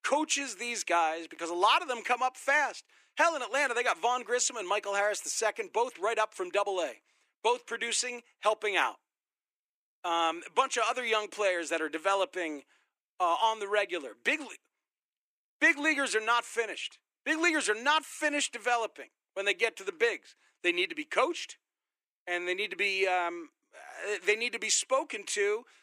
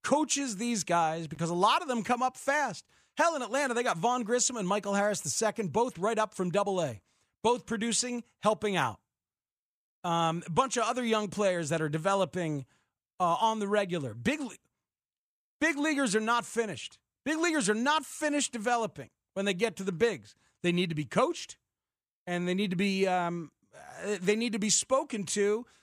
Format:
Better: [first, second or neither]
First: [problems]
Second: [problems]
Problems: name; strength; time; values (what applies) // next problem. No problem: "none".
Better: second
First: thin; somewhat; fading below 300 Hz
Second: none